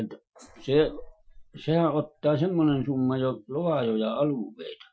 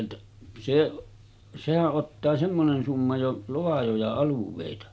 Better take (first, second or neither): second